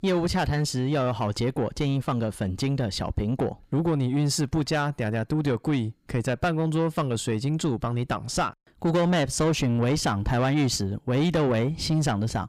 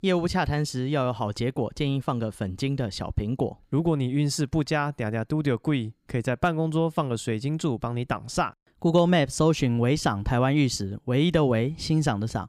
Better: second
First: distortion; slight; 10 dB below the speech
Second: none

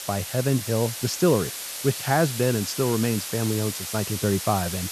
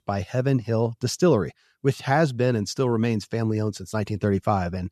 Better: second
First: hiss; loud; throughout; 6 dB below the speech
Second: none

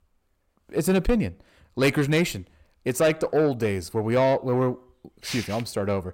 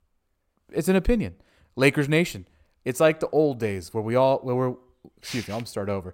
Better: second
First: distortion; slight; 10 dB below the speech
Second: none

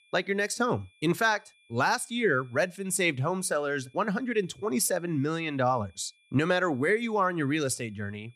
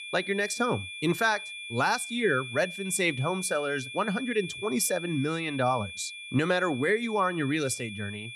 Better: first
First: high-pitched whine; faint; throughout; 2.5 kHz, 35 dB below the speech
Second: high-pitched whine; loud; throughout; 2.5 kHz, 10 dB below the speech

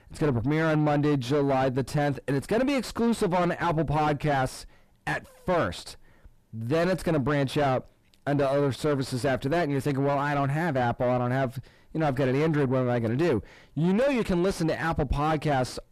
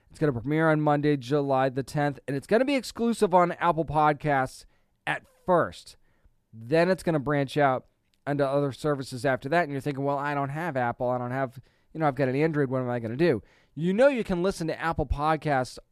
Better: second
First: distortion; heavy; 5 dB below the speech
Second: none

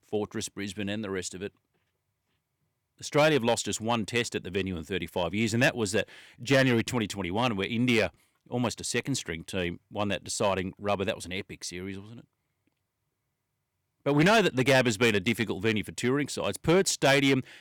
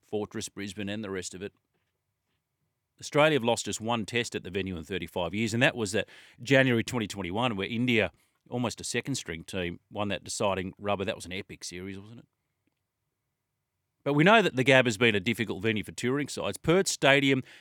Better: second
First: distortion; slight; 2% of the sound clipped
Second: none

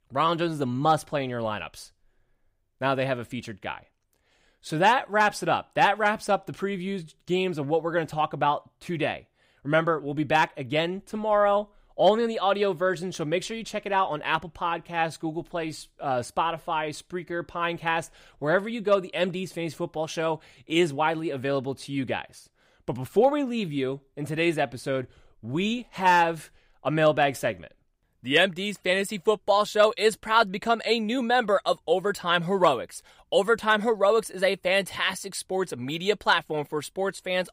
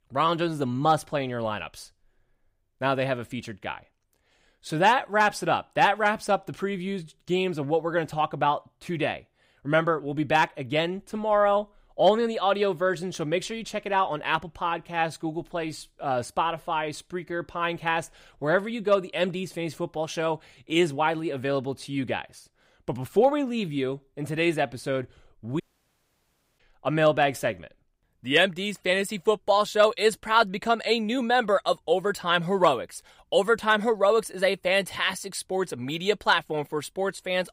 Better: first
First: none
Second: audio cutting out; at 26 s for 1 s

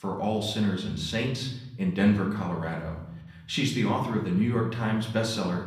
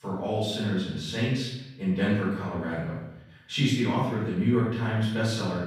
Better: first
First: room echo; slight; dies away in 0.9 s // off-mic speech; far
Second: room echo; strong; dies away in 0.9 s // off-mic speech; far

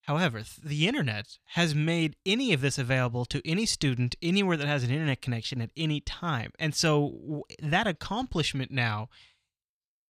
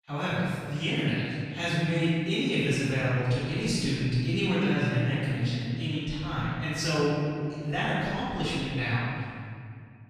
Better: first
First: none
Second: off-mic speech; far // room echo; strong; dies away in 2.1 s

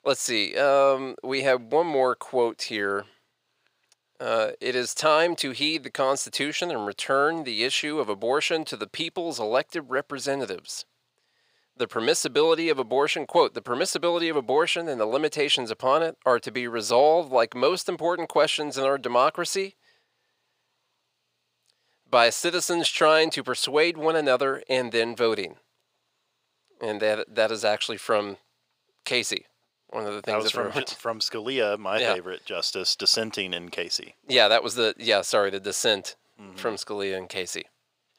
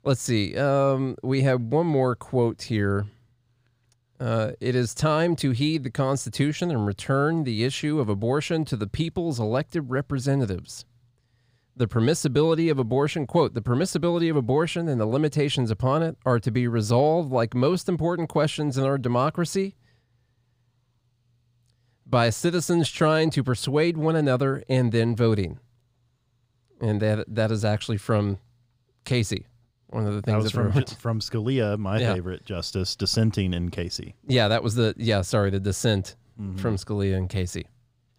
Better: second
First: thin; very; fading below 550 Hz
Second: none

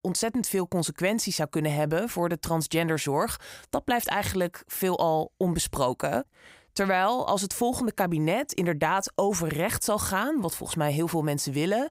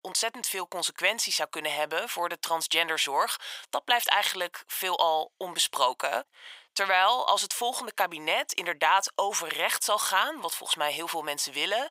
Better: first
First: none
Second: thin; very; fading below 800 Hz

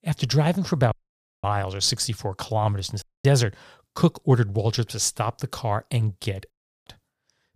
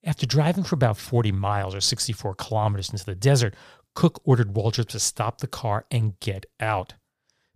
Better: second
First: audio cutting out; at 1 s for 0.5 s, at 3 s and at 6.5 s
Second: none

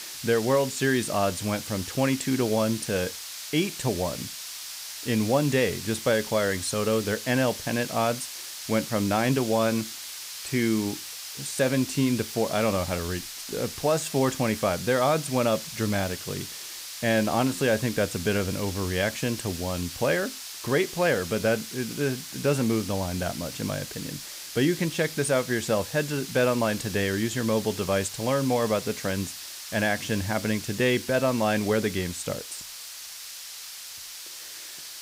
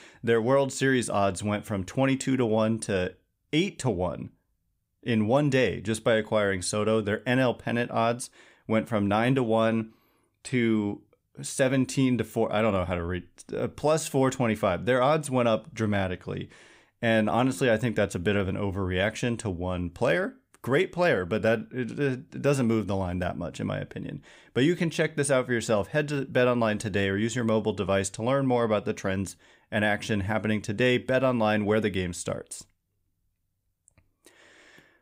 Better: second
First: hiss; loud; throughout; 9 dB below the speech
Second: none

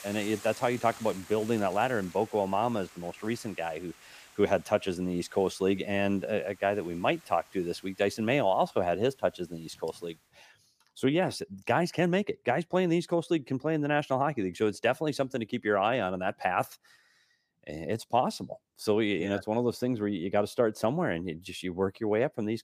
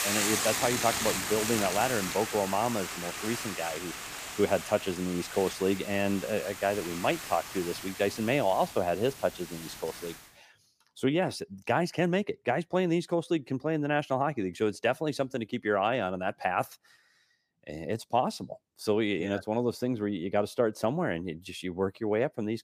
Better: first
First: hiss; faint; until 10 s; 20 dB below the speech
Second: hiss; loud; until 10 s; 4 dB below the speech

